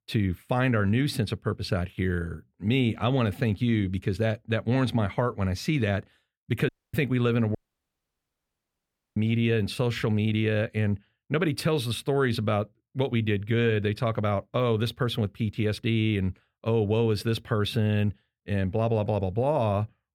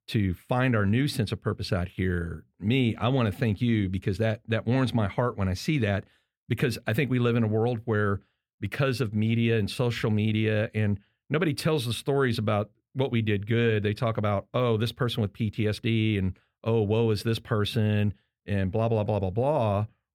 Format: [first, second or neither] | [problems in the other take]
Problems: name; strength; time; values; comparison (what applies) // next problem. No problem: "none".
second | audio cutting out; at 6.5 s and at 7.5 s for 1.5 s